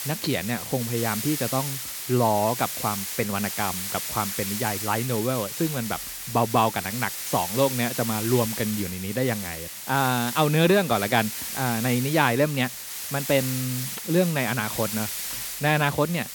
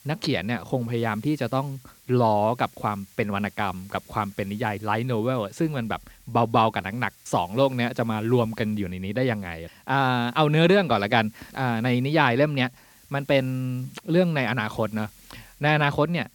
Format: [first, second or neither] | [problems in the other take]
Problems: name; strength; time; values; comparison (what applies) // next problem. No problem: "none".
second | hiss; loud; throughout; 5 dB below the speech; faint in the second